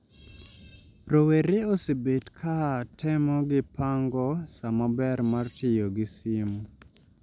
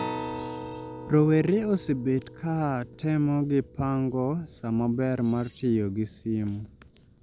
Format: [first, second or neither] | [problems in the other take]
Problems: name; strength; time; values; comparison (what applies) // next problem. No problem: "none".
first | background sound (Acoustic guitar); 14 dB below the speech